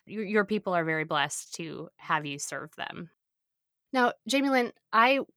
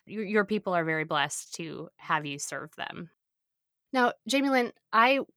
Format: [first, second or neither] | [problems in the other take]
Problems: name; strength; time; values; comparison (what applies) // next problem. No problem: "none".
neither | none